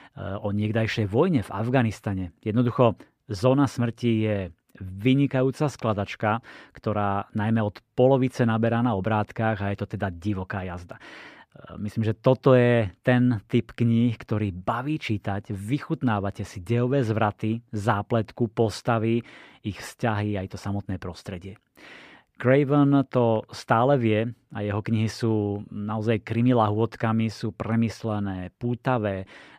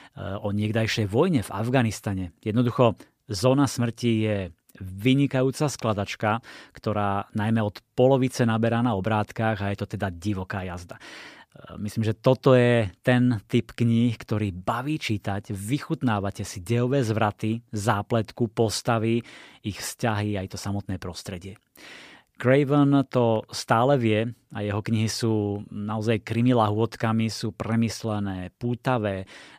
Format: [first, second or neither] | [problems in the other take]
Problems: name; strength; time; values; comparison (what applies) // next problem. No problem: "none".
second | muffled; slightly; fading above 3.5 kHz